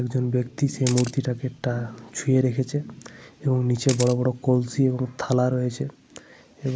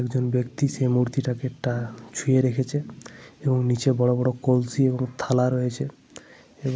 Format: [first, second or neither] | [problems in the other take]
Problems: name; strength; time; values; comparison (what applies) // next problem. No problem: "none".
second | background sound (Camera); 13 dB below the speech